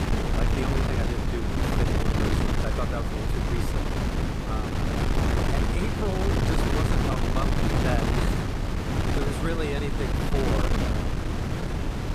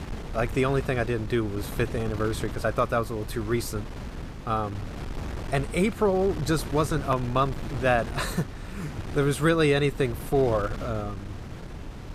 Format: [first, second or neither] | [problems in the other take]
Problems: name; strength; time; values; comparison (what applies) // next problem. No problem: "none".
second | wind noise on the microphone; heavy; 5 dB above the speech; occasional gusts in the second